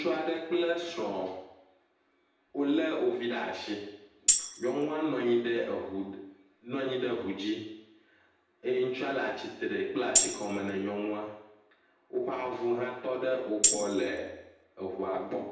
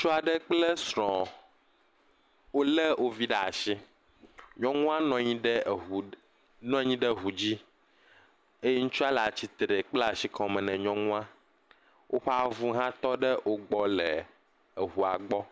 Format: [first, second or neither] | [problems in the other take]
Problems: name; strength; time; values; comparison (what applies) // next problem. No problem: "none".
second | background sound (Tambourine); 3 dB above the speech // room echo; dies away in 0.8 s